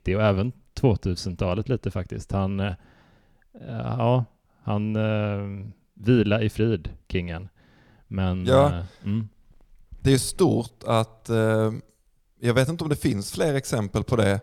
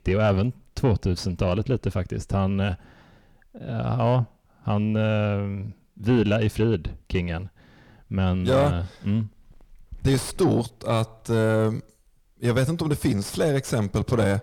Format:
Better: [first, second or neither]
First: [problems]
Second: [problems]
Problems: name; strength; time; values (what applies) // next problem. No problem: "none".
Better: first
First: none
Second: distortion; slight; 10 dB below the speech